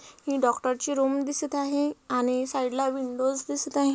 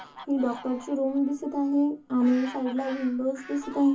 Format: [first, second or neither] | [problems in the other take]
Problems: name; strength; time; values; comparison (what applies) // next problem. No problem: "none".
first | background sound (Fowl); 19 dB below the speech // room echo; dies away in 0.3 s